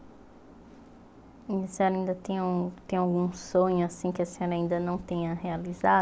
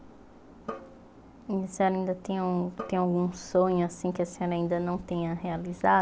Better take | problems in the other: first | background sound (Drum); 18 dB below the speech

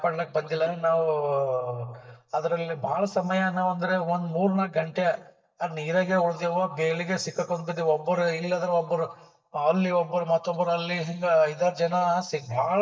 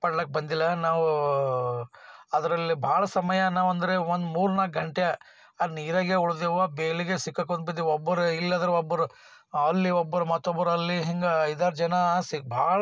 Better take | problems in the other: second | noise reduction (neural mask model DeepFilterNet 3)

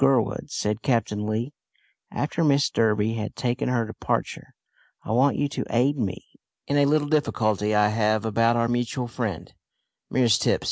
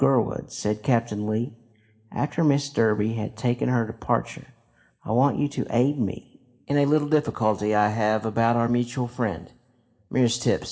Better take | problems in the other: first | room echo; dies away in 0.8 s

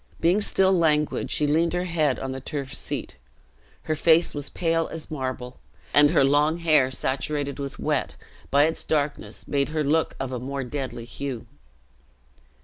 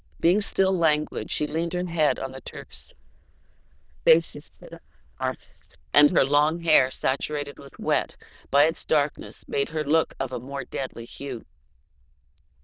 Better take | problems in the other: first | noise reduction (neural diffusion model UNIVERSE++)

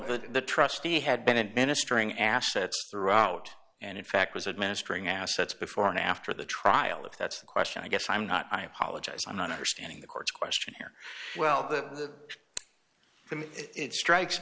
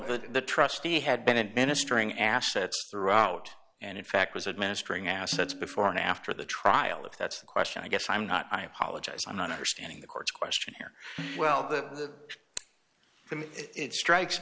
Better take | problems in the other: first | background sound (Snare drum); 17 dB below the speech

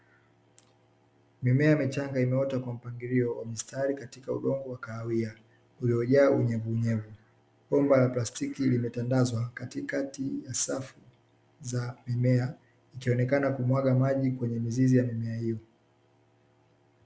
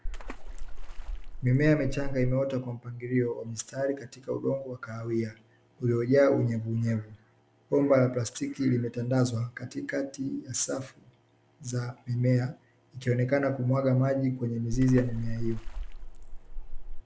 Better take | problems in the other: first | background sound (Water / Splash, splatter); 4 dB below the speech

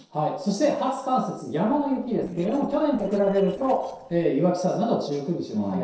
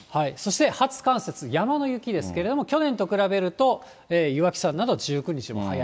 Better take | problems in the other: second | noise reduction (neural separator model SepFormer DNS4)

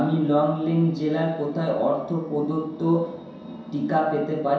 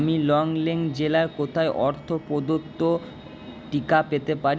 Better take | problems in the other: second | room echo; dies away in 0.7 s

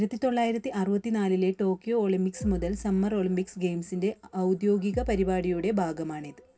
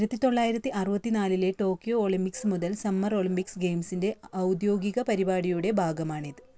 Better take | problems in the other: second | background sound (Bass drum); 13 dB below the speech // room echo; dies away in 0.3 s

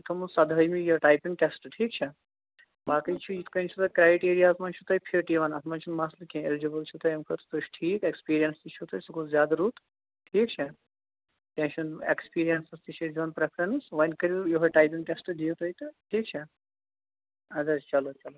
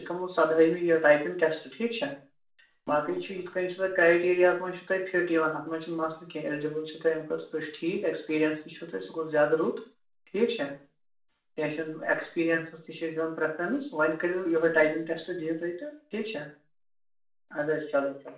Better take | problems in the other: first | room echo; dies away in 0.4 s

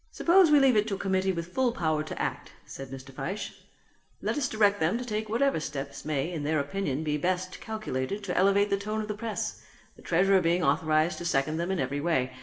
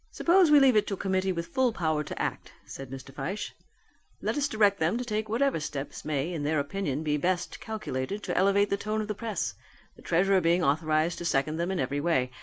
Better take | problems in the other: second | room echo; dies away in 0.7 s

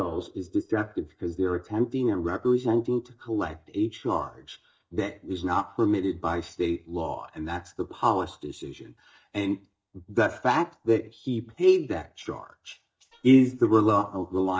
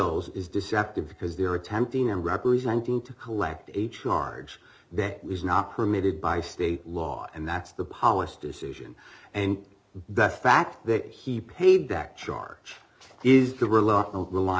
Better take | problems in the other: second | noise reduction (neural mask model DeepFilterNet 3)

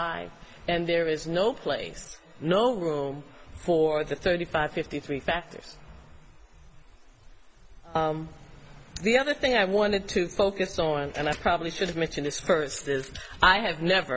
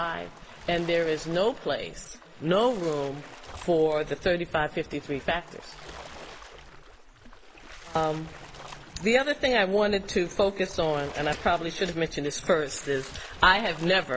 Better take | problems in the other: first | background sound (Splash, splatter); 20 dB below the speech

